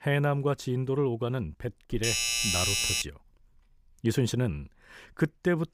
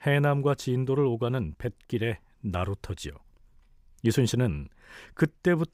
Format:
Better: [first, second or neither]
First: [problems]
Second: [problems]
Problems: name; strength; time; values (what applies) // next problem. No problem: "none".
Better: second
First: doorbell; loud; from 2 to 3 s; peak 6 dB above the speech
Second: none